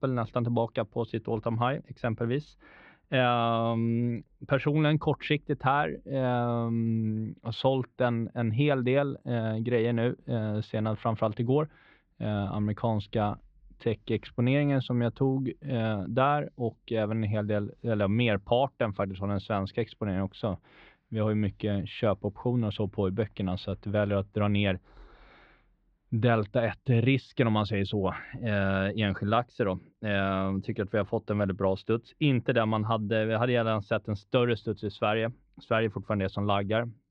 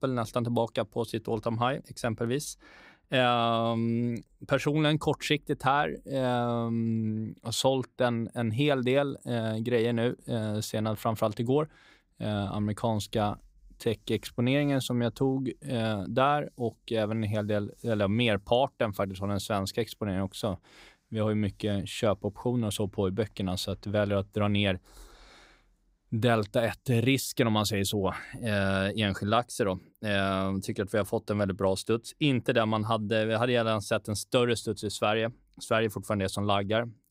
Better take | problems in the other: second | muffled; slightly; fading above 3 kHz

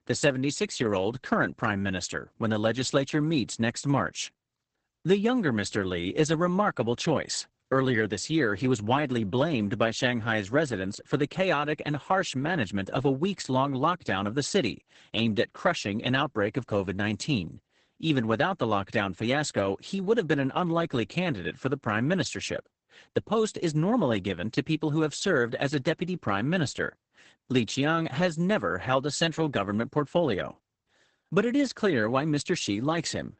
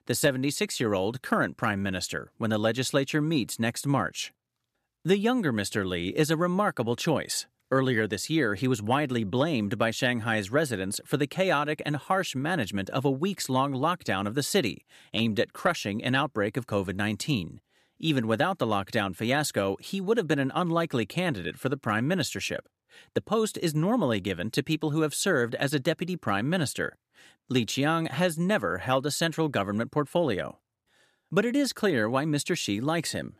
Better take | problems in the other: second | garbled, watery; badly; nothing above 8 kHz

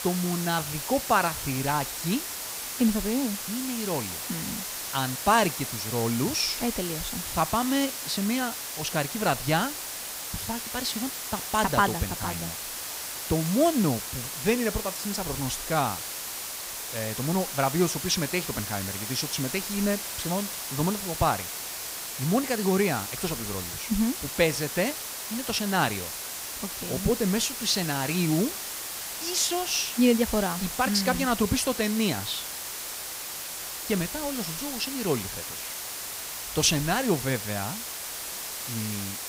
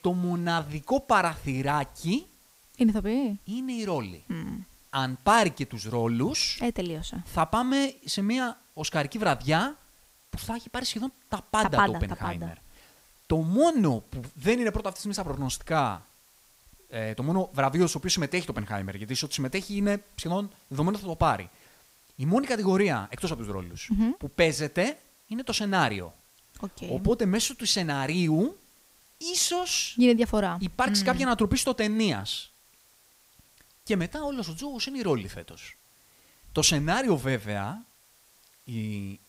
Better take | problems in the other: second | hiss; loud; throughout; 5 dB below the speech; faint in the second

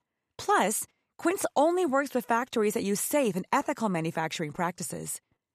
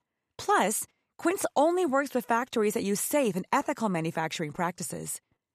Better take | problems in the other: neither | none

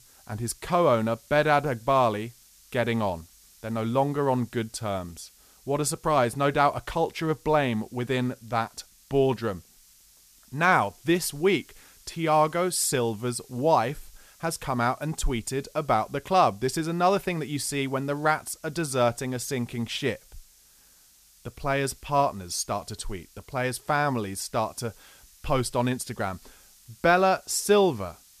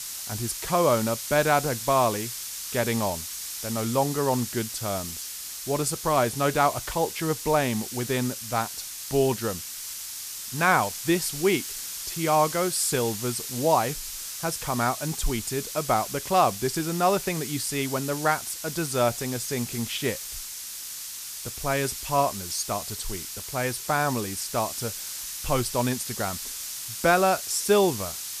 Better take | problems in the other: first | hiss; loud; throughout; 7 dB below the speech; faint in the first

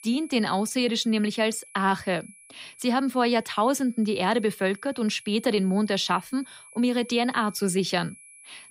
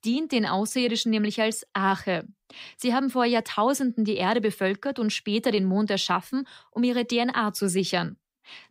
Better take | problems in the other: second | high-pitched whine; faint; throughout; 10.5 kHz, 20 dB below the speech

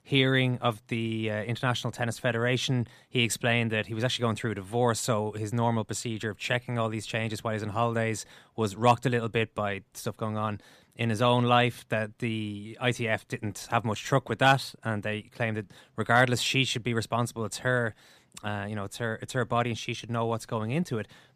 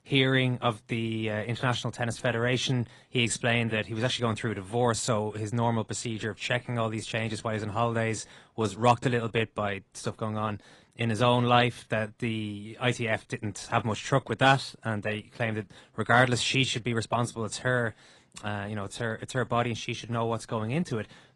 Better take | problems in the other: first | garbled, watery; slightly

